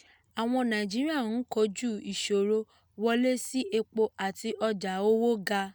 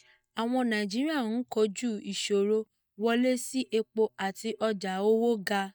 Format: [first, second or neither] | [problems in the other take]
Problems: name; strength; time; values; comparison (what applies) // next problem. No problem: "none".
first | noise reduction (neural mask model DeepFilterNet 3)